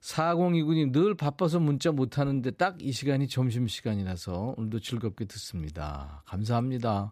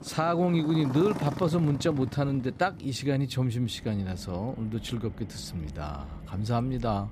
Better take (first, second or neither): first